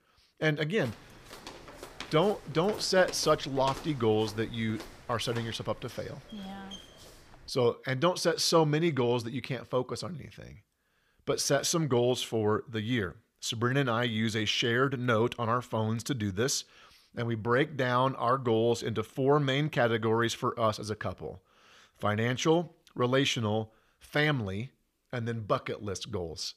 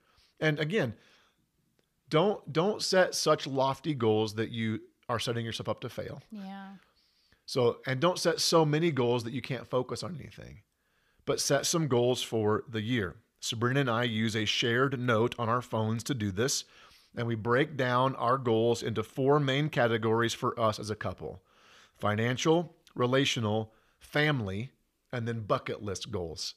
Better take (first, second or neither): second